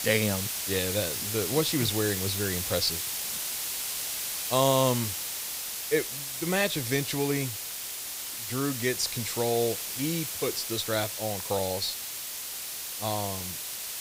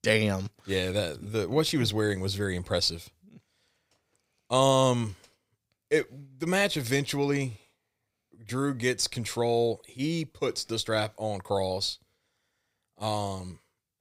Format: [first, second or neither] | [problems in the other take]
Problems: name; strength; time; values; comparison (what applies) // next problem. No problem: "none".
second | hiss; loud; throughout; 2 dB below the speech